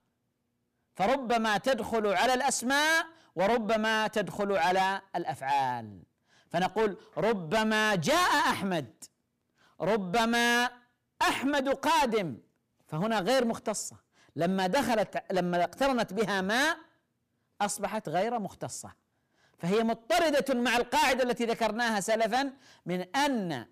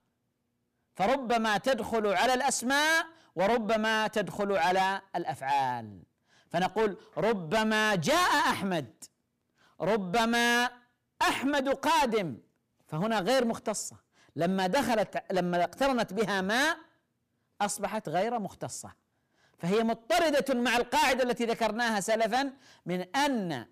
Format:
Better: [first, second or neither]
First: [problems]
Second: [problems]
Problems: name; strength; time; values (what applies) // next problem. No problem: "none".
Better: neither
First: distortion; heavy; 13% of the sound clipped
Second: distortion; heavy; 13% of the sound clipped